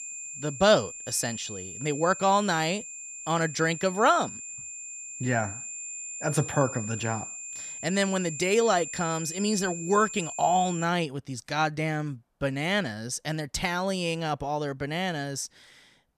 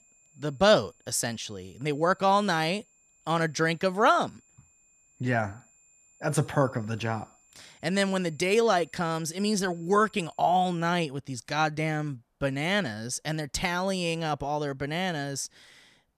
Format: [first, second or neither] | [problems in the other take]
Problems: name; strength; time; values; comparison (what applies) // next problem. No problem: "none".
second | high-pitched whine; loud; until 11 s; 7.5 kHz, 9 dB below the speech; faint in the second